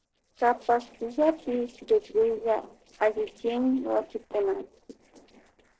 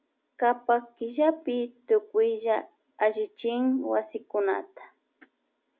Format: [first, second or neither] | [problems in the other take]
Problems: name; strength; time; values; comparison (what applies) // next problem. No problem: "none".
second | noise reduction (neural separator model SepFormer DNS4)